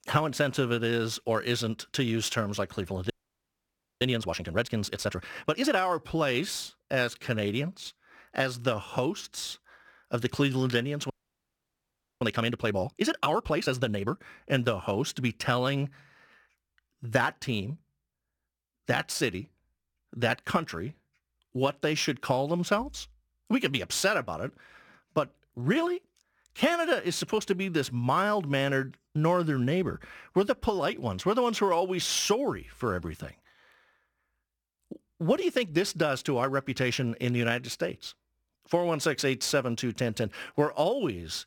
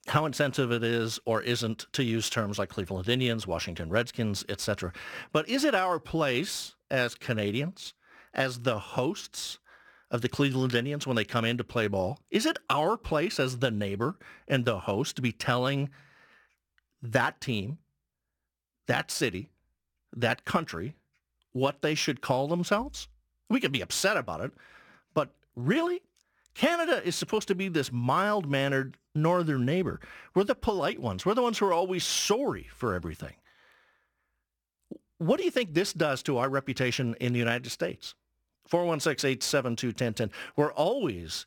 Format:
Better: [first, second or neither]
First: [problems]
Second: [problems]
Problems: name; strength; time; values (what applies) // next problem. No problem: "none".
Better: second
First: audio freezing; at 3 s for 1 s and at 11 s for 1 s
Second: none